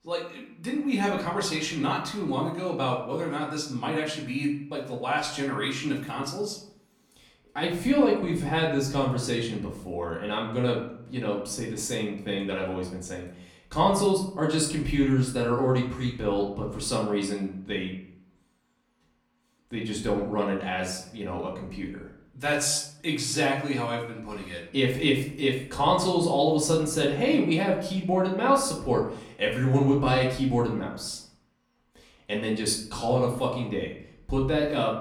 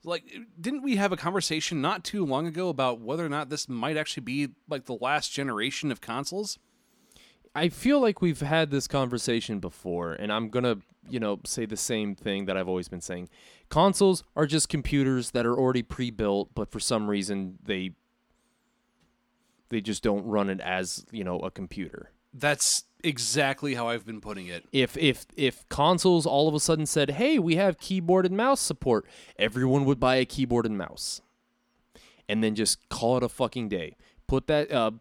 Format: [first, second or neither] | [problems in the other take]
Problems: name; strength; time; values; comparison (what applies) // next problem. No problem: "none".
second | off-mic speech; far // room echo; slight; dies away in 0.6 s